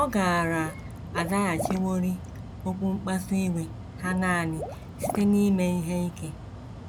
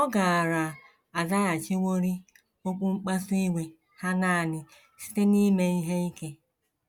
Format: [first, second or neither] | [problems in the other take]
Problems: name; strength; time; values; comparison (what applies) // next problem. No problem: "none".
second | background sound (Water / Liquid + Mechanical fan); 9 dB below the speech